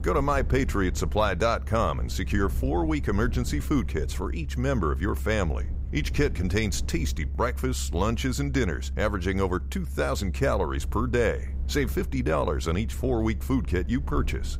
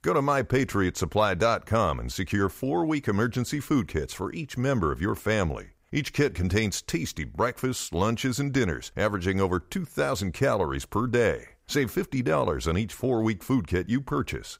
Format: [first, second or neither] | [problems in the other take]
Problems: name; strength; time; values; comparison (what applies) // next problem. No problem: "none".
second | low rumble; faint; throughout; 20 dB below the speech